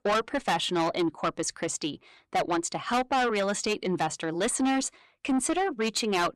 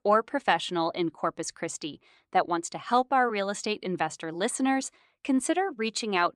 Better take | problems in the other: second | distortion; heavy; 7 dB below the speech

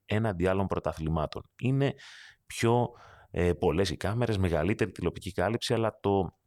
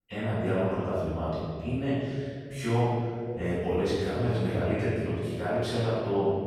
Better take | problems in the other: first | off-mic speech; far // room echo; strong; dies away in 2.1 s

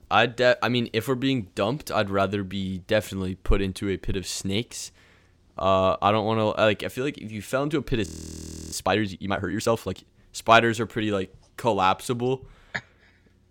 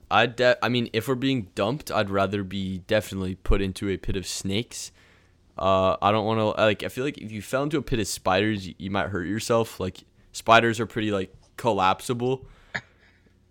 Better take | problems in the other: second | audio freezing; at 8 s for 0.5 s

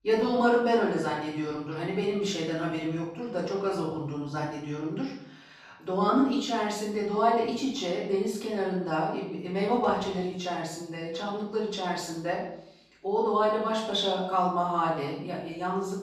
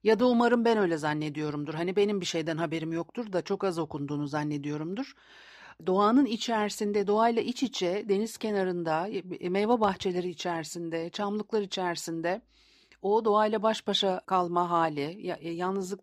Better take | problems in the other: second | off-mic speech; far // room echo; noticeable; dies away in 0.6 s

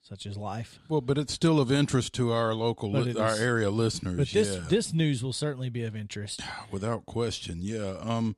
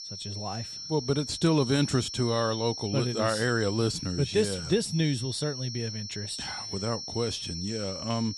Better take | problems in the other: first | high-pitched whine; loud; throughout; 5.5 kHz, 7 dB below the speech

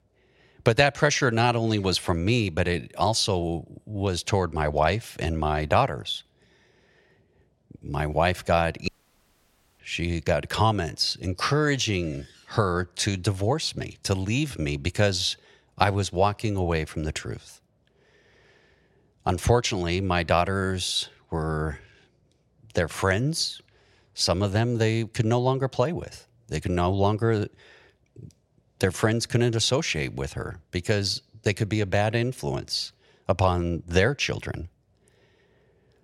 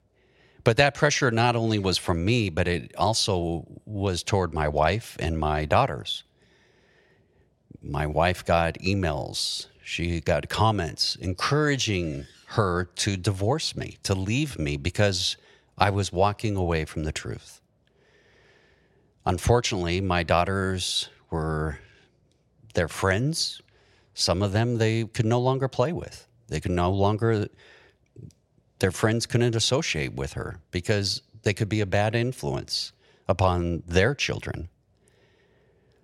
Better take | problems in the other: second | audio cutting out; at 9 s for 1 s

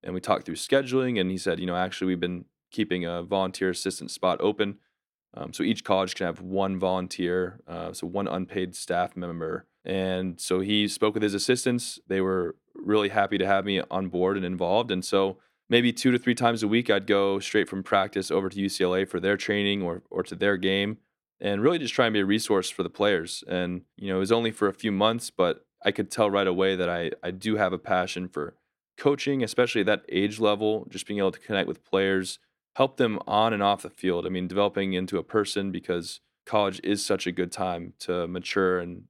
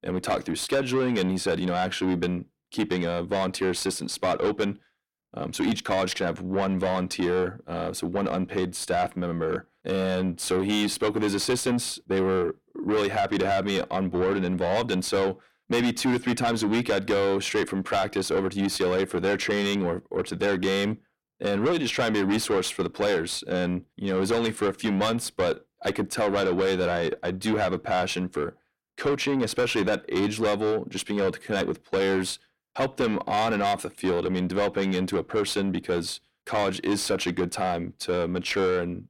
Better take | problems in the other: first | distortion; heavy; 6 dB below the speech

